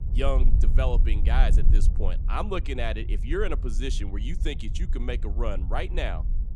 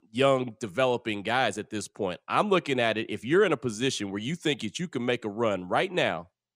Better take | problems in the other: second | wind noise on the microphone; occasional gusts; 15 dB below the speech

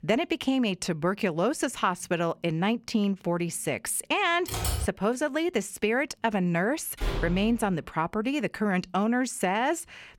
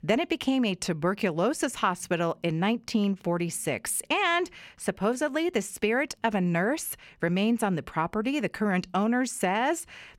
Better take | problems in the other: second | keyboard typing; noticeable; at 4.5 s; peak 2 dB below the speech // door banging; noticeable; at 7 s; peak 5 dB below the speech

